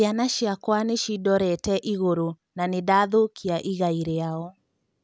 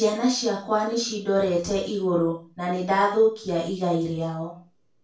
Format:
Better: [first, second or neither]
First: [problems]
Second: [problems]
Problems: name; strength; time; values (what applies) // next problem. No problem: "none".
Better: first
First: none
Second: room echo; dies away in 0.3 s